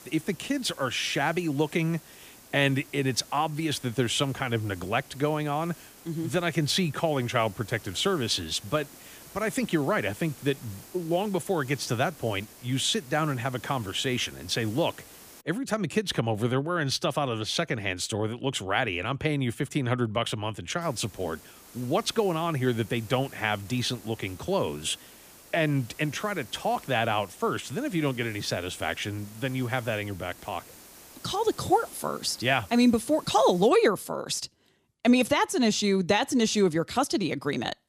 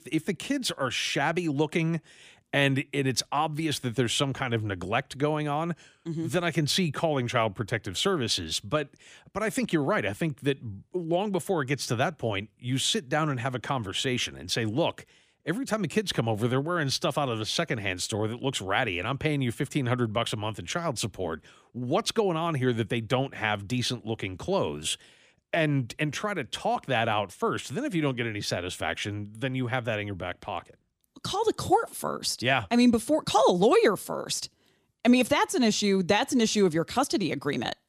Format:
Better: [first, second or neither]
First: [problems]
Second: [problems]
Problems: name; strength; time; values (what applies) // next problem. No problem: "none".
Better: second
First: hiss; faint; until 15 s and from 21 to 34 s; 20 dB below the speech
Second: none